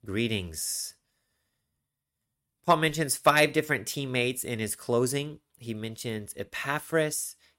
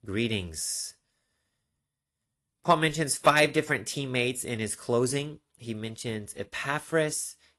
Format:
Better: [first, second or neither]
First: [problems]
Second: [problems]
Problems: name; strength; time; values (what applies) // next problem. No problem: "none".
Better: first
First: none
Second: garbled, watery; slightly; nothing above 11 kHz